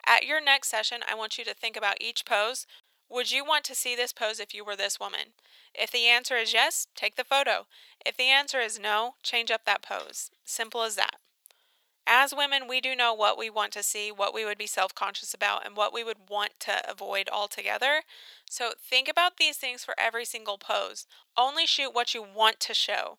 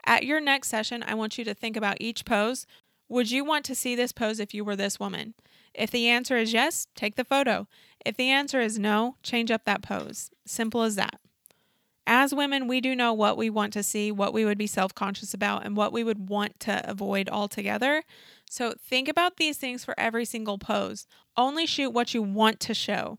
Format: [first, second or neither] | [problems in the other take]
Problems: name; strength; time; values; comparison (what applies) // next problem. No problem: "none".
second | thin; very; fading below 550 Hz